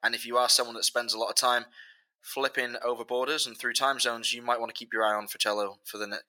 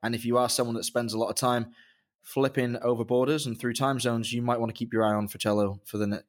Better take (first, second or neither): second